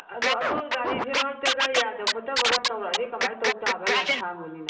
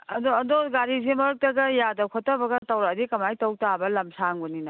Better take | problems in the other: second | background sound (Scratching (performance technique)); 3 dB above the speech // room echo; dies away in 1.1 s

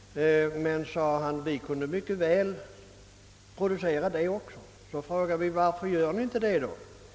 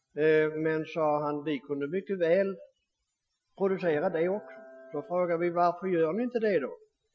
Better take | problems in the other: first | noise reduction (classical method Wiener filter)

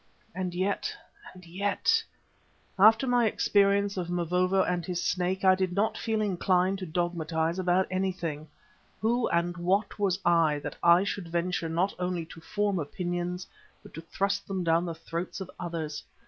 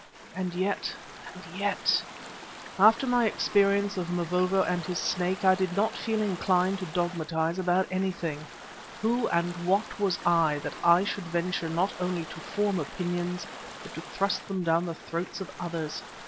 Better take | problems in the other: first | background sound (Stream / Ocean); 14 dB below the speech

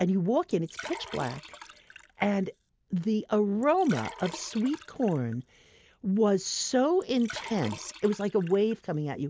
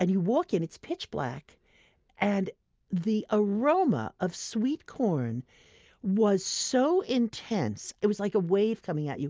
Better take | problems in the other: second | background sound (Liquid); 17 dB below the speech

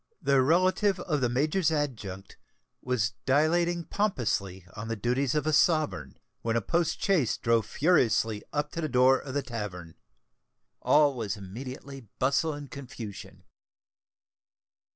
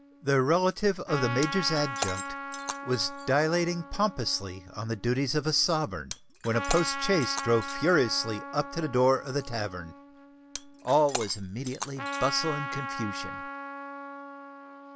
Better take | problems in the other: first | background sound (Shatter + Trumpet); 9 dB below the speech

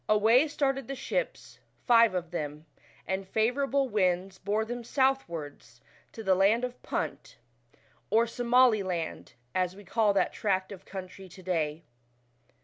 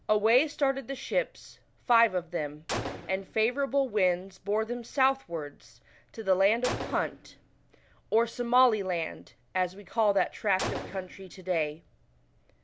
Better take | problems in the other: first | background sound (Gunshot, gunfire); 14 dB below the speech

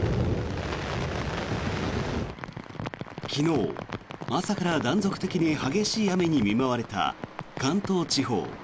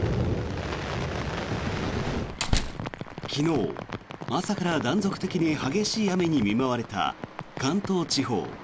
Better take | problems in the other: first | background sound (Slam); 5 dB below the speech

